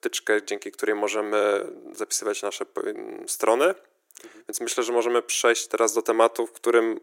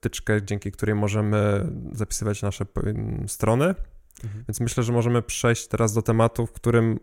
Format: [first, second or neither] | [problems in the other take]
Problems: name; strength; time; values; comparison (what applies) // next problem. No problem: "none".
second | thin; very; fading below 350 Hz